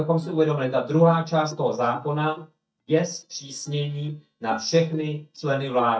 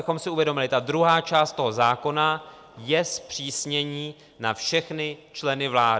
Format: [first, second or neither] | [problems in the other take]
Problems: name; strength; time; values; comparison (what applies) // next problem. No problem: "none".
second | noise reduction (neural mask model DeepFilterNet 3)